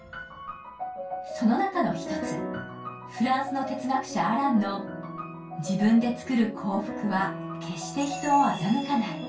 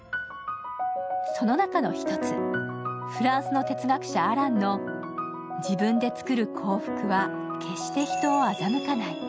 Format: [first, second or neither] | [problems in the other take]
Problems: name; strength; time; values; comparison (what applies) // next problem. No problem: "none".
second | room echo; dies away in 0.2 s